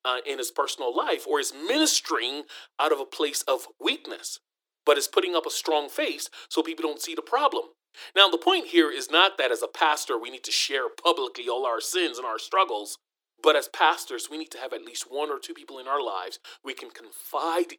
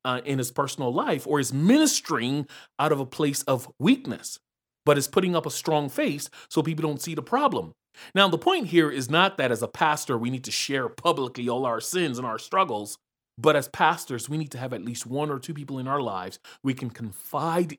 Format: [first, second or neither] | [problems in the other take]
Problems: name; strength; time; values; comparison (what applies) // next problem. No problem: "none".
second | thin; very; fading below 300 Hz